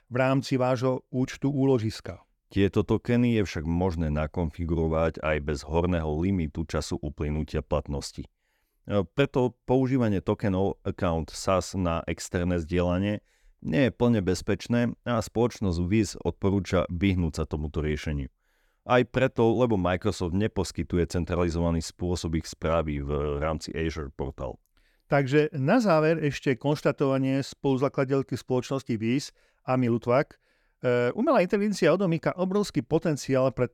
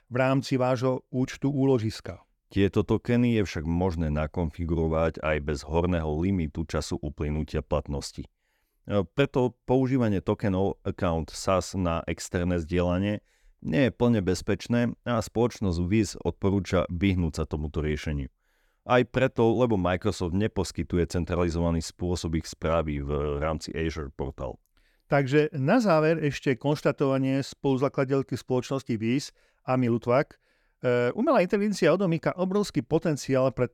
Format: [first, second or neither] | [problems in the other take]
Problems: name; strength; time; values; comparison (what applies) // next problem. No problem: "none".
neither | none